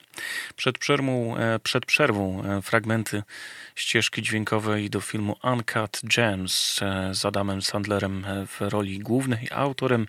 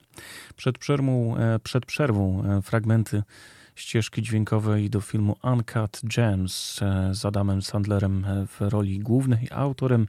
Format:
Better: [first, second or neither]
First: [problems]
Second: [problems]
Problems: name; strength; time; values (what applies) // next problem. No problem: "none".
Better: second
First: thin; somewhat; fading below 1 kHz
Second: none